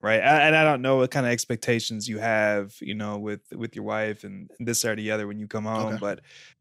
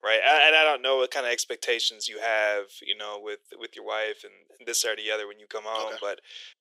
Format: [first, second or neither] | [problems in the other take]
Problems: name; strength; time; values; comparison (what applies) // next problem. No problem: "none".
first | thin; very; fading below 400 Hz